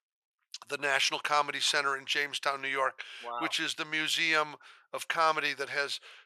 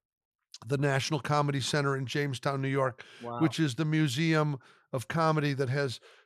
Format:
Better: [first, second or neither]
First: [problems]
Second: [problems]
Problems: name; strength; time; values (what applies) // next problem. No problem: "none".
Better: second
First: thin; very; fading below 750 Hz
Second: none